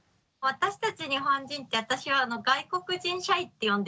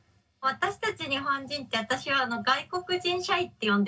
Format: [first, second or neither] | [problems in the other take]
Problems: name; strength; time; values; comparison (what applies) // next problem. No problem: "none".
first | room echo; dies away in 0.4 s